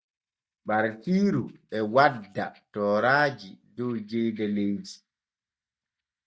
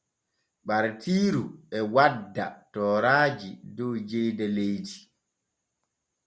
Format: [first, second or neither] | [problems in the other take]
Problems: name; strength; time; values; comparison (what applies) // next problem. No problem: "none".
second | noise reduction (neural mask model DeepFilterNet 3)